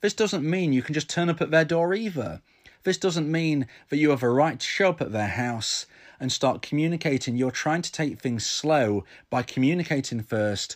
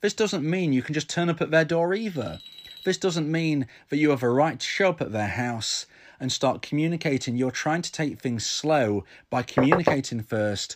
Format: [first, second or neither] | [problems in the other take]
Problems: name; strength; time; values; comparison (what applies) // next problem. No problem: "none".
first | alarm; faint; at 2 s; peak 15 dB below the speech // door banging; loud; at 9.5 s; peak 3 dB above the speech